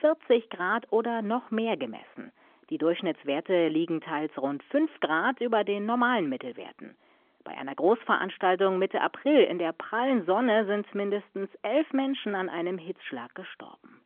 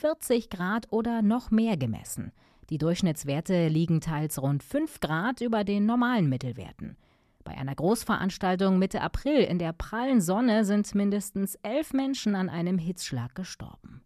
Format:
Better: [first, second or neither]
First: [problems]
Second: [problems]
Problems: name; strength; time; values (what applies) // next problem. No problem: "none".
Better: second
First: phone-call audio; nothing above 3.5 kHz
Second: none